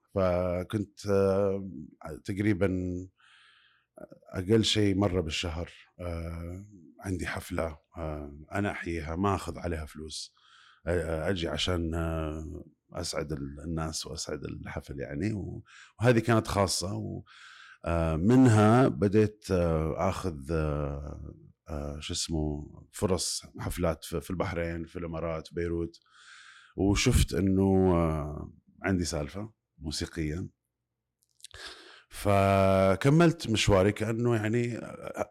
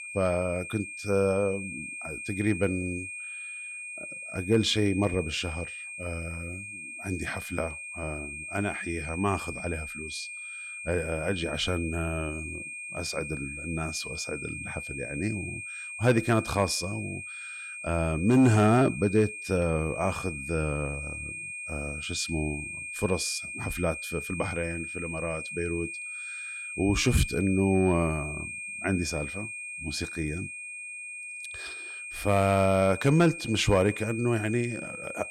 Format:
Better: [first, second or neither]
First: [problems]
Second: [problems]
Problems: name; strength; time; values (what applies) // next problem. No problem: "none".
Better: first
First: none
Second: high-pitched whine; loud; throughout; 2.5 kHz, 8 dB below the speech